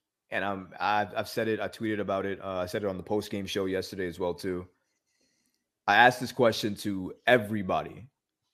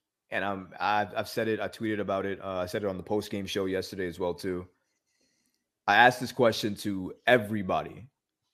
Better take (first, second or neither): neither